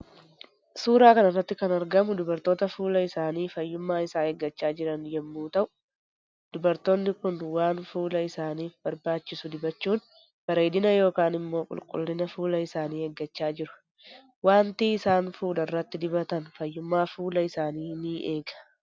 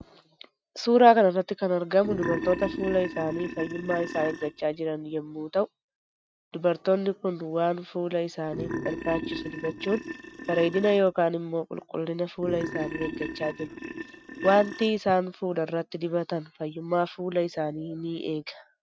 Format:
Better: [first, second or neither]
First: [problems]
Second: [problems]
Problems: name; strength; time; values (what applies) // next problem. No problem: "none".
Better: first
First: none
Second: noise reduction (neural mask model RNNoise)